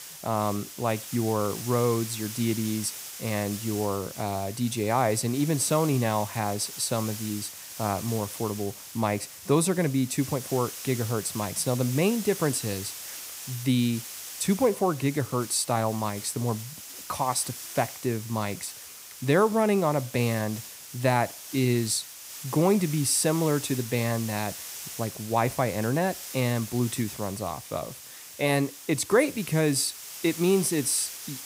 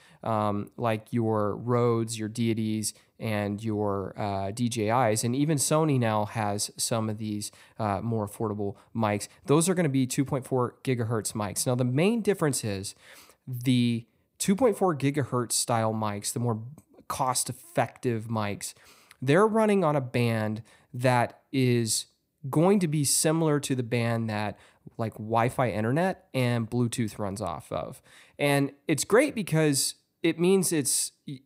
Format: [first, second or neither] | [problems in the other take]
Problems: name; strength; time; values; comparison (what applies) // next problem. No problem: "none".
second | hiss; noticeable; throughout; 10 dB below the speech